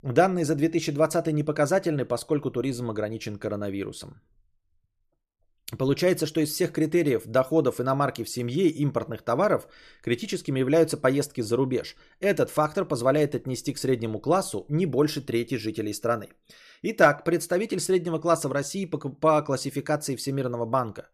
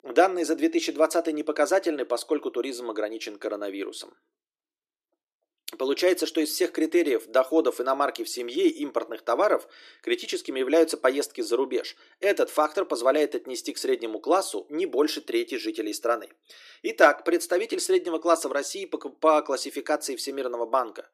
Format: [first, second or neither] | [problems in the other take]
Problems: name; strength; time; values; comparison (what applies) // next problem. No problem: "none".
first | thin; somewhat; fading below 300 Hz